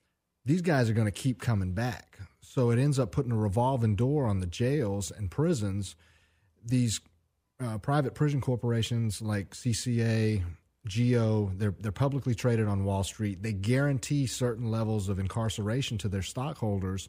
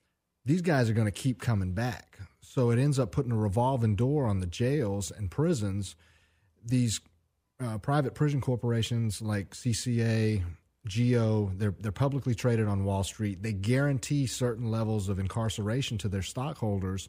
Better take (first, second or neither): neither